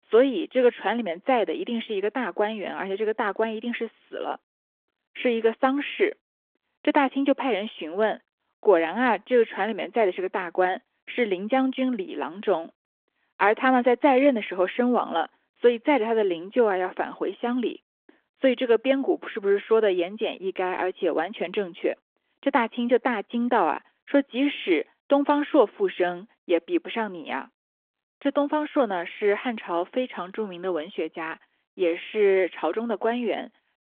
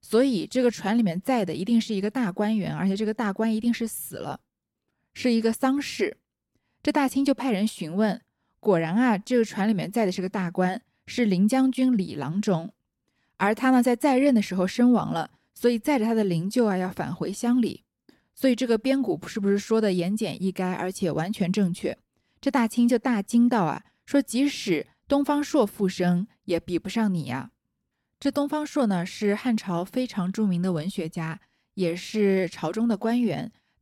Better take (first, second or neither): second